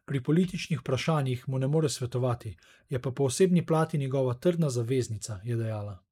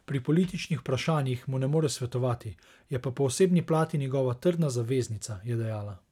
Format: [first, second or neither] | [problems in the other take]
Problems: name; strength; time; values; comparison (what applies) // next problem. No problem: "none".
second | noise reduction (neural mask model Resemble Enhance denoiser)